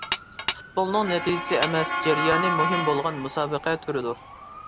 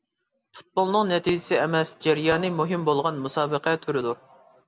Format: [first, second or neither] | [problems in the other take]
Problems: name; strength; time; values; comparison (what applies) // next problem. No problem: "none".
second | background sound (Tap / Dishes, pots, and pans + Motor vehicle (road) / Siren); 3 dB below the speech